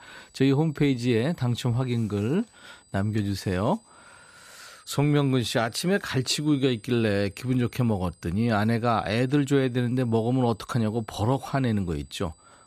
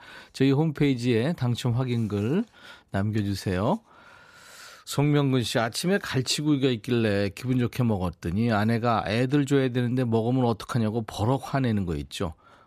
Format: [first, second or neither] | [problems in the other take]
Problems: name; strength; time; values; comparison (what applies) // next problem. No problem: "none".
second | high-pitched whine; faint; throughout; 8 kHz, 30 dB below the speech